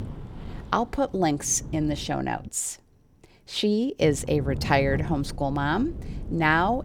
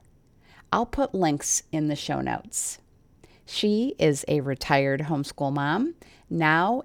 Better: second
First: wind noise on the microphone; occasional gusts; until 2.5 s and from 4 s on; 20 dB below the speech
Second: none

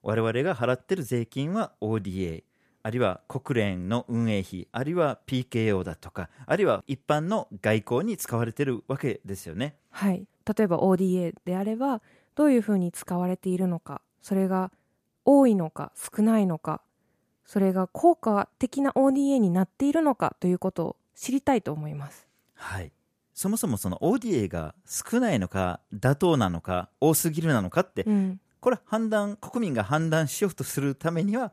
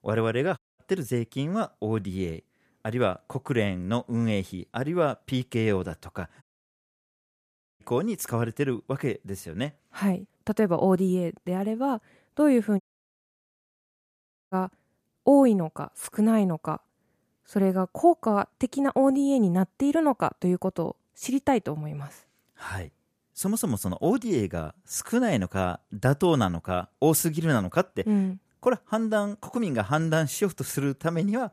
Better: first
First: none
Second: audio cutting out; at 0.5 s, at 6.5 s for 1.5 s and at 13 s for 1.5 s

